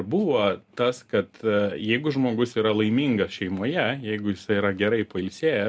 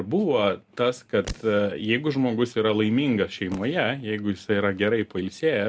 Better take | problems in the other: first | background sound (Fireworks); 20 dB below the speech

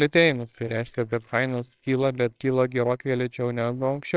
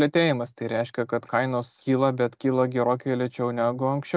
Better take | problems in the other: second | noise reduction (neural separator model SepFormer WHAMR!)

